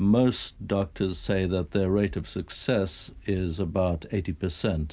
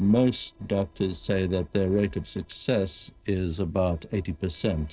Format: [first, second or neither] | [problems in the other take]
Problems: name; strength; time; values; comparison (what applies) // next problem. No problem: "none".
first | noise reduction (neural separator model SepFormer DNS4)